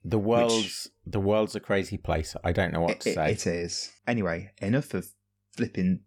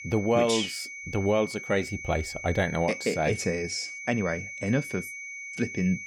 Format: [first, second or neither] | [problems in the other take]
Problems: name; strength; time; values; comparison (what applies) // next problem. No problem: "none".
first | high-pitched whine; loud; throughout; 2 kHz, 9 dB below the speech